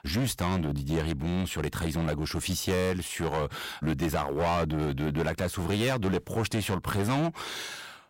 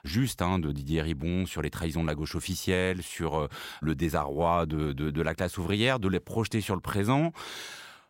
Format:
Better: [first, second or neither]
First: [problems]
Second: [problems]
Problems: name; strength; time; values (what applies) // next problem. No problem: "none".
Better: second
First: distortion; heavy; 13% of the sound clipped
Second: none